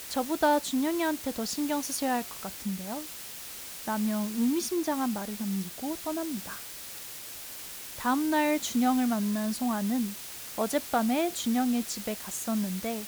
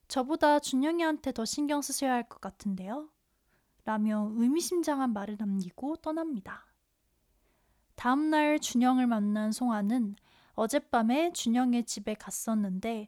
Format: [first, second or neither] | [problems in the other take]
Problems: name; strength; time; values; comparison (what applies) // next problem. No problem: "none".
second | hiss; loud; throughout; 8 dB below the speech